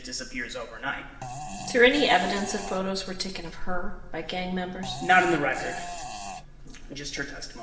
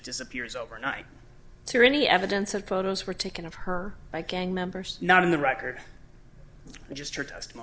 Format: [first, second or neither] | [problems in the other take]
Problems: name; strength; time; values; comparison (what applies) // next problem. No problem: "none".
second | background sound (Fart); 12 dB below the speech // room echo; dies away in 1 s